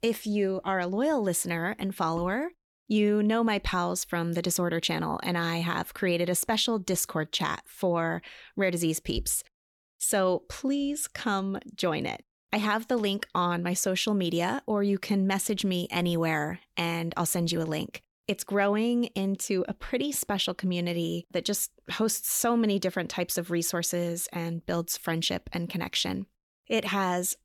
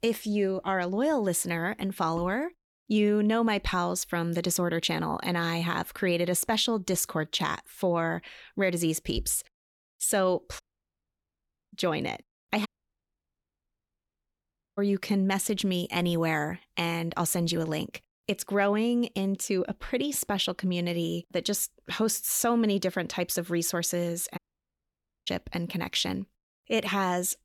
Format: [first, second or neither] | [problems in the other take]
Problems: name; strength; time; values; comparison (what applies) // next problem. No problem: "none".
first | audio cutting out; at 11 s for 1 s, at 13 s for 2 s and at 24 s for 1 s